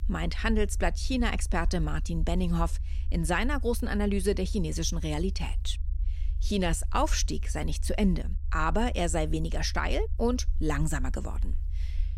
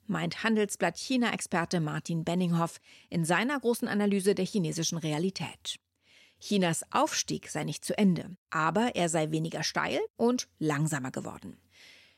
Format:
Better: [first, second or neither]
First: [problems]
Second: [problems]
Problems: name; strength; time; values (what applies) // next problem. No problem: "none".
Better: second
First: low rumble; faint; throughout; 25 dB below the speech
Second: none